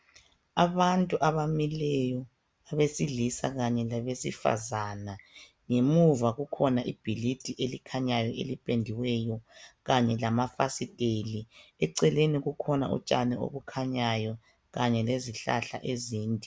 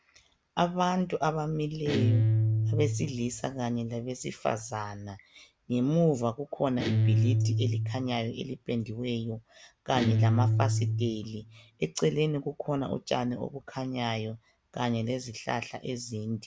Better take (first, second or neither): first